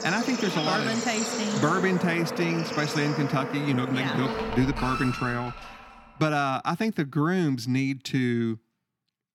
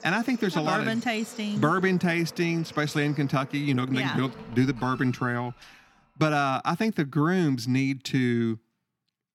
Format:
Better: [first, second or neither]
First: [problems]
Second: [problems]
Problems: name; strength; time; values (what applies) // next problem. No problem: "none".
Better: second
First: animal sounds; loud; until 5 s; 5 dB below the speech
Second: animal sounds; faint; until 5 s; 20 dB below the speech